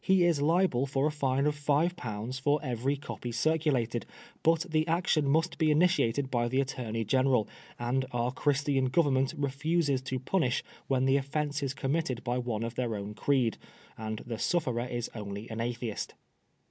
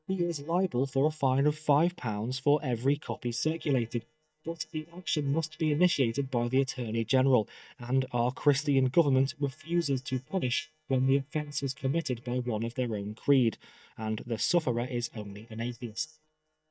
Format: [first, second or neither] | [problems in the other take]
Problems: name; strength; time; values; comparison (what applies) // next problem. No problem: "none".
first | noise reduction (neural mask model DeepFilterNet 3)